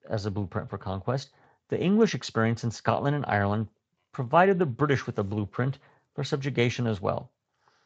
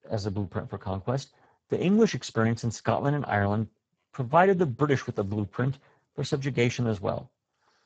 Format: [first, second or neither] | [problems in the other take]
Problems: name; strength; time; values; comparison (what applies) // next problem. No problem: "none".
first | garbled, watery; badly; nothing above 7.5 kHz; slightly in the first